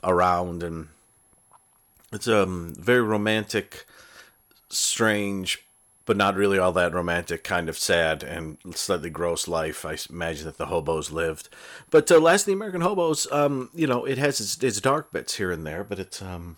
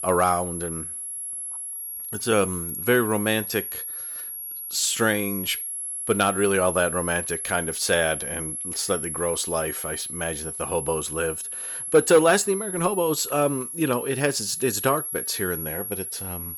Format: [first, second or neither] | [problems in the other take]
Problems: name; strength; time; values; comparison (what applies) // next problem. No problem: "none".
first | high-pitched whine; loud; throughout; 11 kHz, 5 dB below the speech; faint in the first